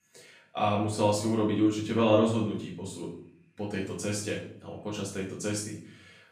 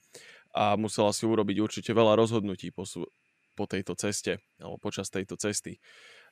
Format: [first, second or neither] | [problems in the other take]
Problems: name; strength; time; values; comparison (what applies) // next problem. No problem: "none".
second | off-mic speech; far // room echo; noticeable; dies away in 0.5 s